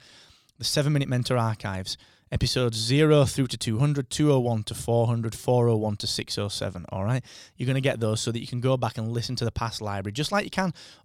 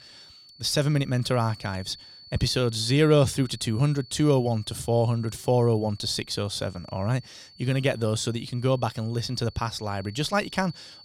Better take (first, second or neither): first